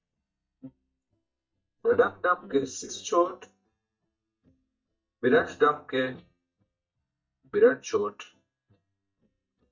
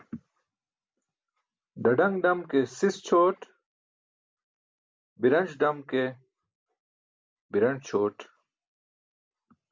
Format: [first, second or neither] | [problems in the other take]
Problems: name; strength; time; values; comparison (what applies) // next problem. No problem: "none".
second | noise reduction (neural mask model DeepFilterNet 3)